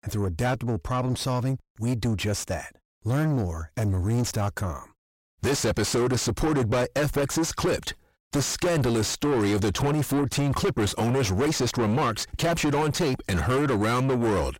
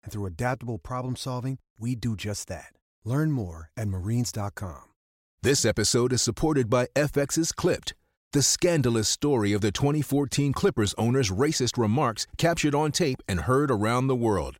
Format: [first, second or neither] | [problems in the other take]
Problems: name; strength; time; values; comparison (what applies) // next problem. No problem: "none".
second | distortion; heavy; 6 dB below the speech